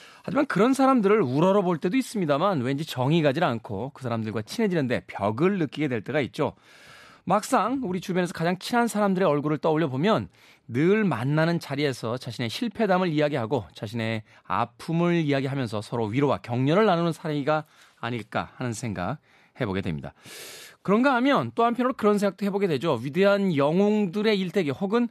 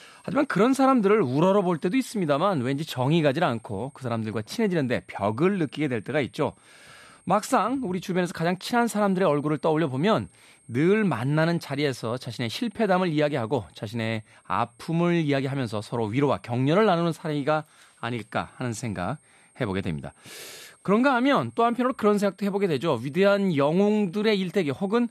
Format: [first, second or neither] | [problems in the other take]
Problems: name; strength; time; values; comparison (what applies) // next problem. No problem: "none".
first | high-pitched whine; faint; throughout; 8.5 kHz, 35 dB below the speech